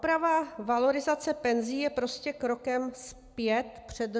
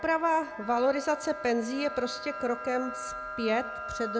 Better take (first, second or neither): first